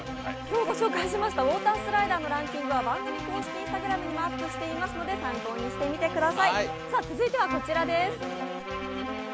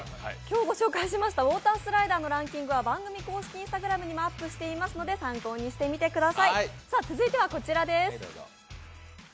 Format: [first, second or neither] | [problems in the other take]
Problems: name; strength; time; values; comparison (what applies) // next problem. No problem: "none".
second | background sound (Bowed string instrument + Wind instrument, woodwind instrument); 5 dB below the speech